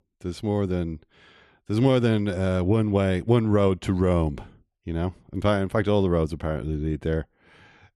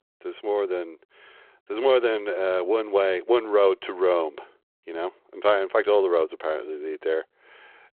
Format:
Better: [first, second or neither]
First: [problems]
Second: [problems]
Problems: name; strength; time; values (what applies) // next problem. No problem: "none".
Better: first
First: none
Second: phone-call audio